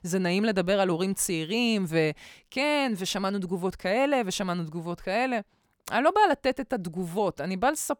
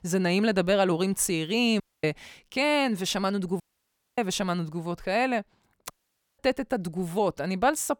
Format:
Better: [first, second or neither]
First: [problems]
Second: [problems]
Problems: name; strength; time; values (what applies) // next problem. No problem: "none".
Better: first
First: none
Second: audio cutting out; at 2 s, at 3.5 s for 0.5 s and at 6 s